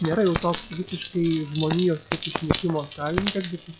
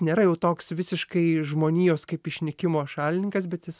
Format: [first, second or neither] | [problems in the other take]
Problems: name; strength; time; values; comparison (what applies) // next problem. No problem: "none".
second | noise reduction (classical method log-MMSE)